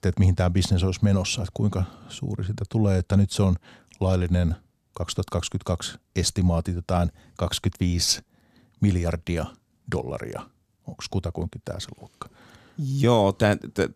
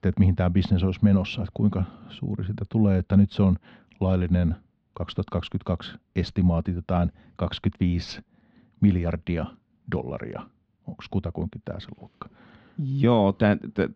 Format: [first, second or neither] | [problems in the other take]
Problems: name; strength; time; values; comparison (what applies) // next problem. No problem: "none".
first | muffled; slightly; fading above 3.5 kHz